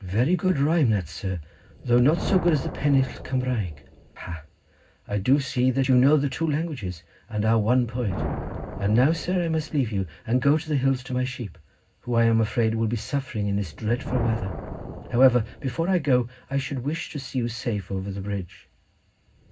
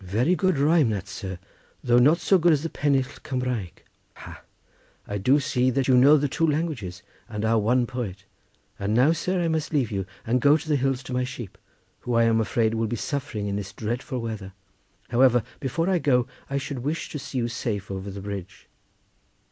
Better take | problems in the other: second | background sound (Thunder); 13 dB below the speech // room echo; dies away in 0.4 s

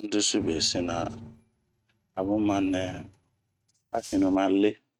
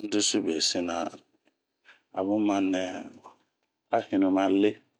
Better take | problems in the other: second | noise reduction (neural mask model RNNoise)

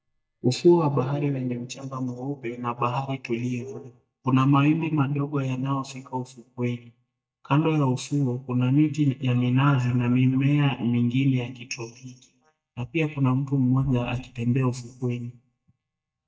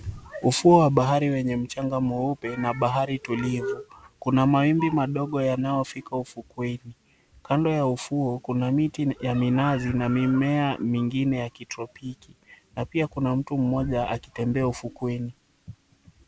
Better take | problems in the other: second | noise reduction (neural mask model DeepFilterNet 3)

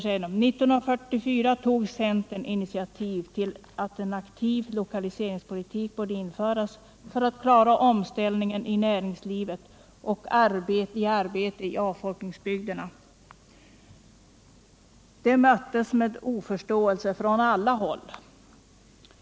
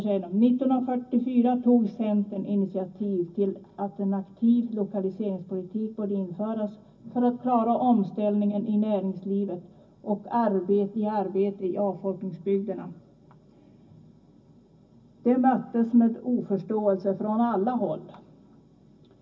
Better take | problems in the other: first | room echo; dies away in 0.4 s

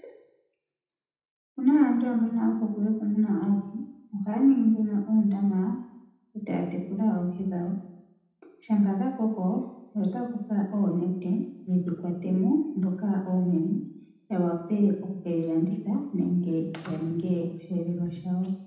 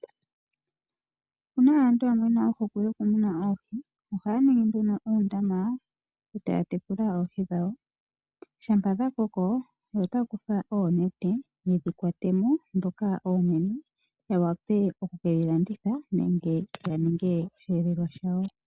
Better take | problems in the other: second | room echo; dies away in 0.8 s

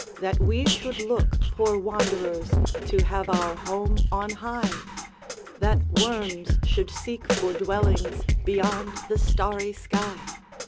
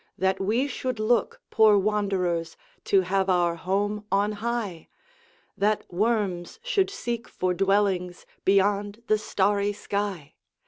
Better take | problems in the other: second | background sound (Drum kit); 4 dB above the speech

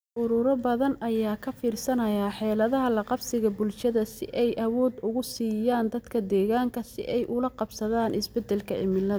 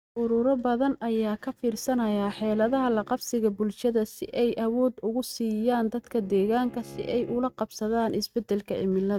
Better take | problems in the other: first | noise reduction (neural mask model RNNoise)

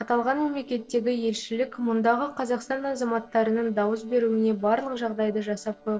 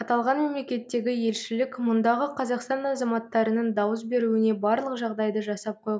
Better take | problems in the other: second | noise reduction (neural separator model SepFormer DNS4)

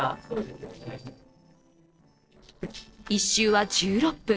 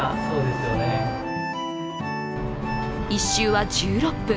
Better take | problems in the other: second | noise reduction (neural separator model SepFormer DNS4)

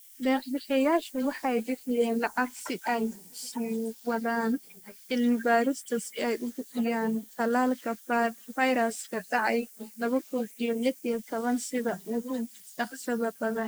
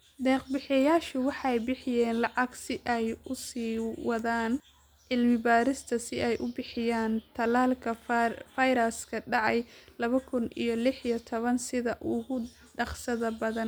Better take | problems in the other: second | noise reduction (neural mask model Resemble Enhance denoiser)

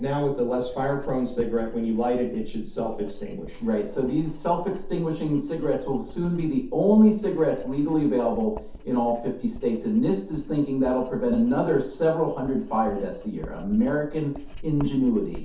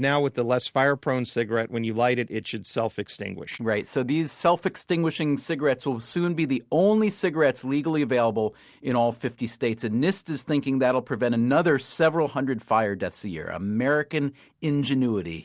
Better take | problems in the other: second | background sound (Writing); 13 dB below the speech // room echo; dies away in 0.5 s

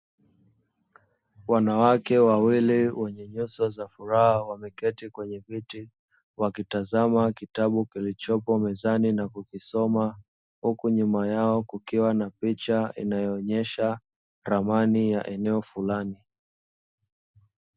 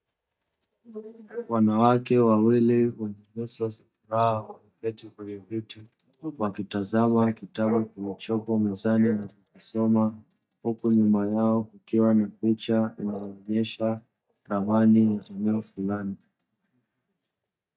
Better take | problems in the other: first | noise reduction (neural mask model DeepFilterNet 3)

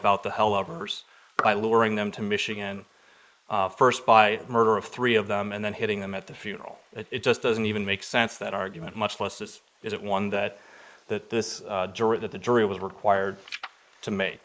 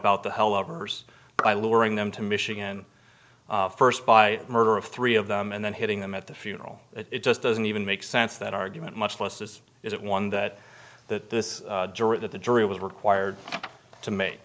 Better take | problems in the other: second | noise reduction (neural mask model Resemble Enhance denoiser)

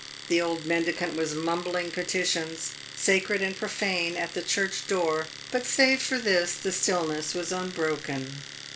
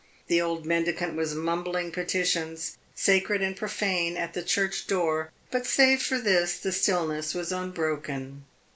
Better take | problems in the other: second | background sound (Domestic sounds, home sounds); 13 dB below the speech

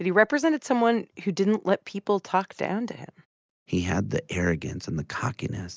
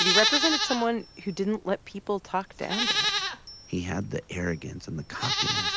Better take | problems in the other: first | background sound (Livestock, farm animals, working animals); 1 dB above the speech

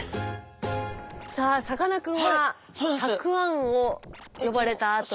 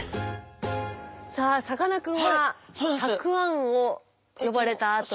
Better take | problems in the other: second | background sound (Scratching (performance technique)); 18 dB below the speech

